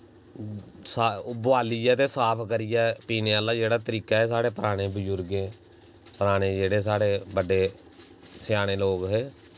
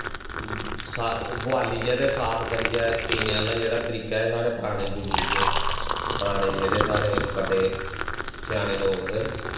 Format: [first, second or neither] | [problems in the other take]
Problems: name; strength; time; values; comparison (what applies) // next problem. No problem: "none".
first | background sound (Liquid); 2 dB below the speech // room echo; dies away in 0.9 s